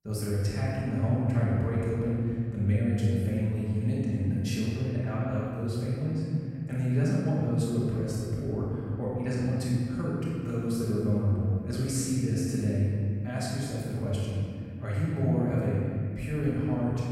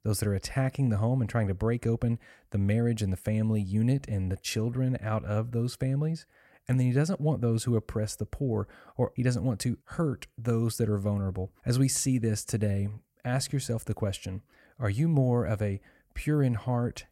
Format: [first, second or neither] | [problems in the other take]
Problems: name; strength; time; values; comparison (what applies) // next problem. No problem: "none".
second | off-mic speech; far // room echo; strong; dies away in 2.6 s